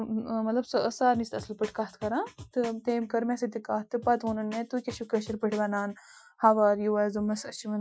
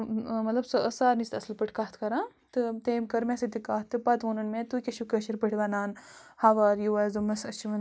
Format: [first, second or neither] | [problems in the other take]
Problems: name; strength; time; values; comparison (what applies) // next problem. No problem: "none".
second | noise reduction (classical method Wiener filter)